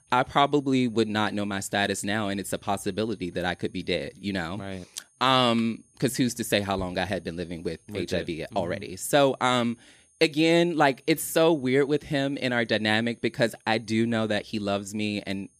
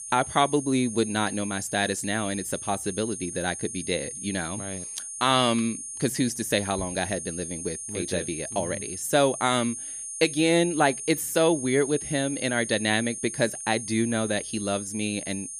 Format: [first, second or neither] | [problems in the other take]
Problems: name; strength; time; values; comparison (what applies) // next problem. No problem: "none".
first | high-pitched whine; loud; throughout; 9 kHz, 7 dB below the speech; faint in the first